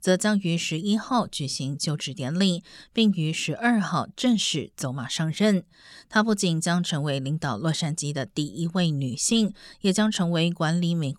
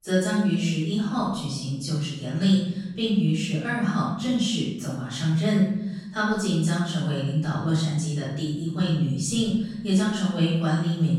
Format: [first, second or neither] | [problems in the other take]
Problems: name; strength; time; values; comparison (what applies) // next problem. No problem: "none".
first | room echo; strong; dies away in 1.1 s // off-mic speech; far